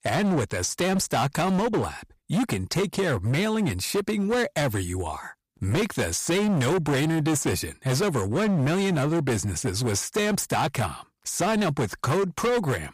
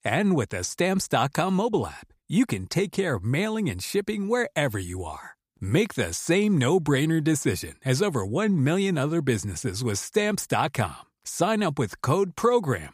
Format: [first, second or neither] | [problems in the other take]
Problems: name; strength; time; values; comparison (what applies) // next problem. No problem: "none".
second | distortion; heavy; 22% of the sound clipped